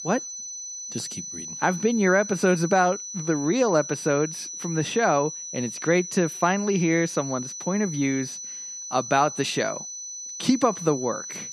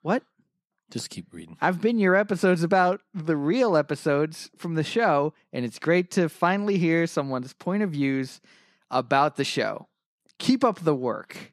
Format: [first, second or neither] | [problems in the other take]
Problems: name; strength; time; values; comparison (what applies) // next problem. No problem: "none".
second | high-pitched whine; loud; throughout; 6 kHz, 9 dB below the speech